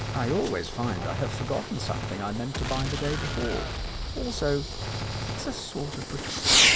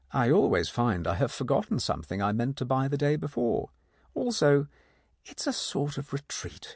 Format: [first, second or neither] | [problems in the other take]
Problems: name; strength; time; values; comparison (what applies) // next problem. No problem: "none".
second | background sound (Gunshot, gunfire + Fireworks); 3 dB above the speech